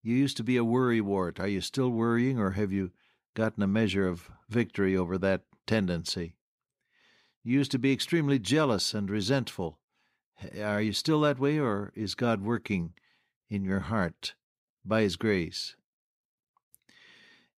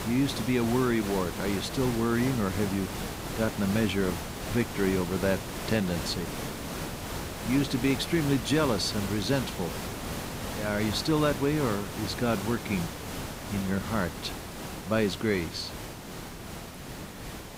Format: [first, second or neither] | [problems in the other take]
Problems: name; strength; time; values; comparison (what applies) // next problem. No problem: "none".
first | hiss; loud; throughout; 7 dB below the speech